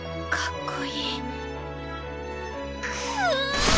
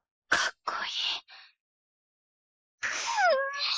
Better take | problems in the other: first | noise reduction (neural mask model Resemble Enhance denoiser)

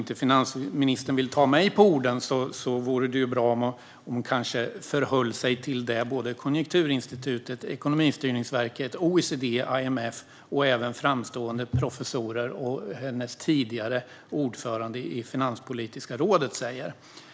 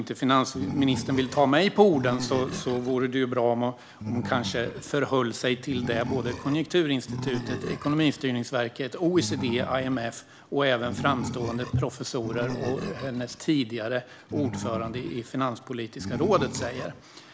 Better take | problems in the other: first | background sound (Animal); 10 dB below the speech

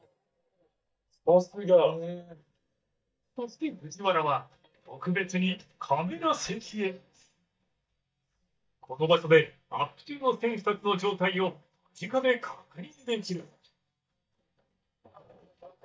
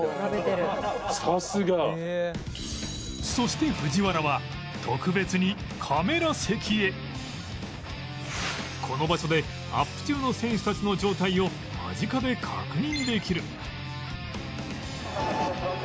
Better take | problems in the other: second | noise reduction (neural mask model DeepFilterNet 3)

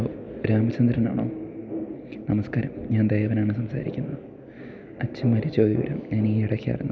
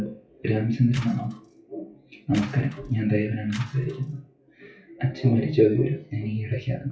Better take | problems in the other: first | noise reduction (classical method WPE with log-MMSE)

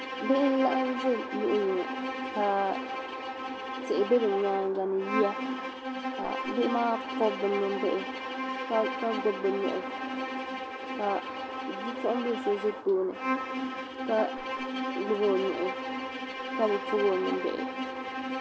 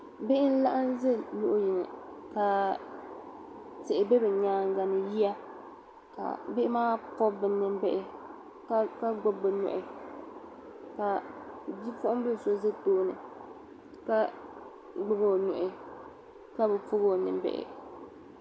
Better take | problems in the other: second | background sound (Bowed string instrument); 4 dB below the speech

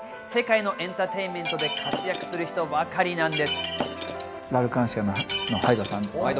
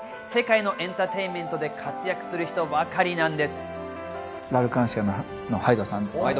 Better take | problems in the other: second | background sound (Shatter); 6 dB below the speech

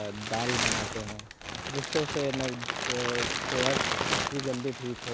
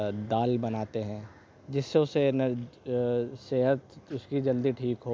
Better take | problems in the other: second | background sound (Crumpling, crinkling); 2 dB above the speech

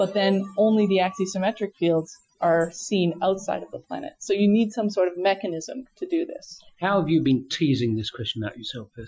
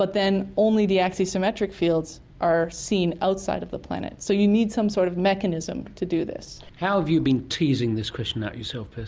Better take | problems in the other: second | noise reduction (classical method Wiener filter)

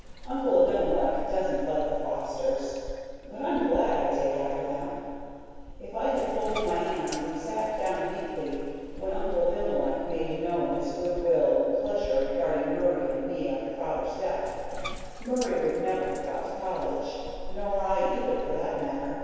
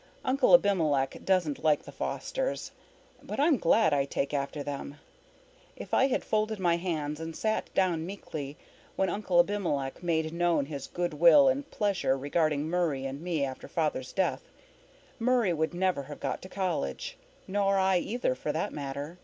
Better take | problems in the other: second | background sound (Bathtub (filling or washing)); 9 dB below the speech // room echo; dies away in 2.2 s

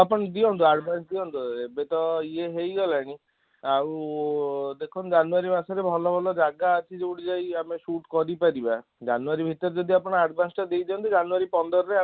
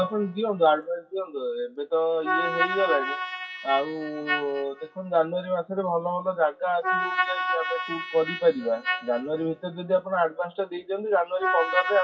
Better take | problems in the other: first | noise reduction (classical method WPE with log-MMSE)

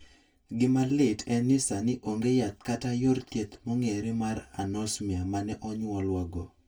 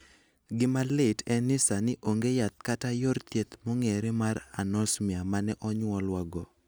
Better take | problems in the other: second | room echo; dies away in 0.1 s

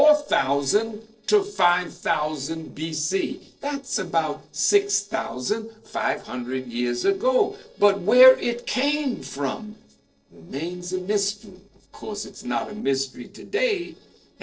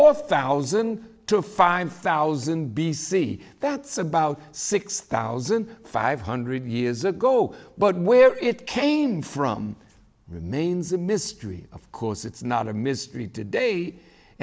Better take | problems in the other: second | noise reduction (neural separator model SepFormer DNS4)

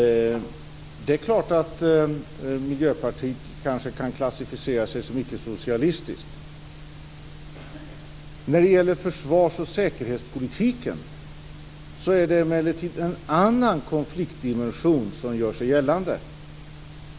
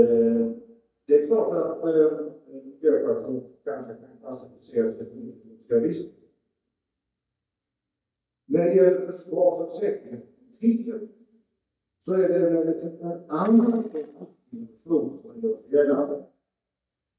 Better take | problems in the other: first | noise reduction (neural mask model DeepFilterNet 3)

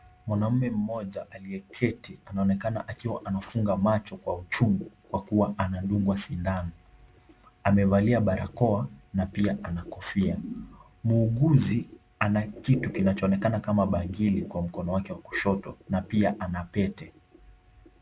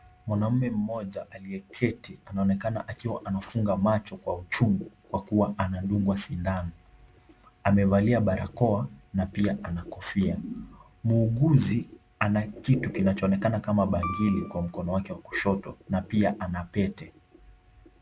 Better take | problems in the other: first | background sound (Piano); 12 dB below the speech

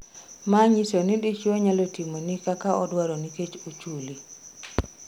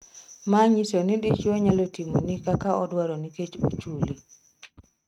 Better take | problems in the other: first | noise reduction (neural mask model RNNoise)

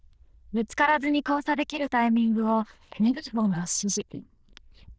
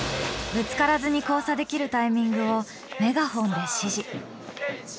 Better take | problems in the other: second | noise reduction (neural diffusion model UNIVERSE++)

